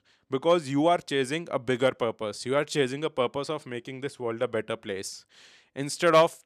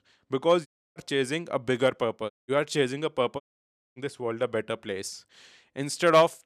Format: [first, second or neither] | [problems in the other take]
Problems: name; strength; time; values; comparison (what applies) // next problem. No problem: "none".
first | audio cutting out; at 0.5 s, at 2.5 s and at 3.5 s for 0.5 s